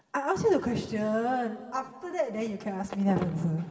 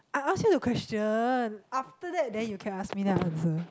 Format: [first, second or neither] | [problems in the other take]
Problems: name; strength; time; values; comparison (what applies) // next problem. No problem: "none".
second | room echo; dies away in 2.3 s